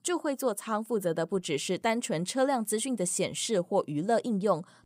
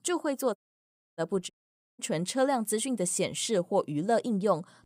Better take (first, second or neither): first